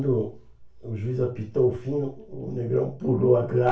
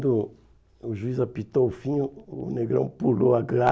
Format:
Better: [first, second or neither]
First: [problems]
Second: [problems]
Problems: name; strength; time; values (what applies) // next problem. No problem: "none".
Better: second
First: room echo; dies away in 0.2 s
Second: none